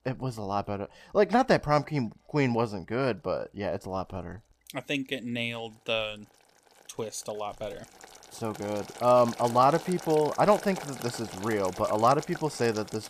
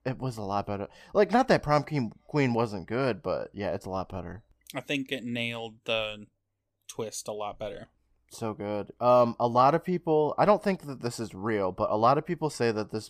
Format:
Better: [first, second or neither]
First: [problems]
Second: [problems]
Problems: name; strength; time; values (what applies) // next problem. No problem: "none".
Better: second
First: household noises; noticeable; throughout; 15 dB below the speech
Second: none